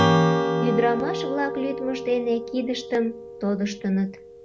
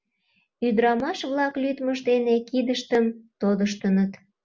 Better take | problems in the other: second | background sound (Strum); as loud as the speech

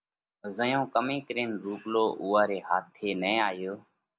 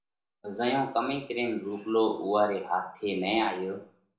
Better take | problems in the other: first | room echo; dies away in 0.4 s

